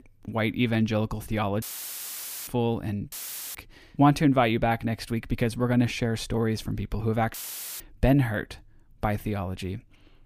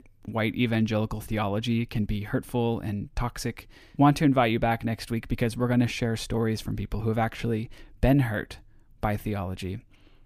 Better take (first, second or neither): second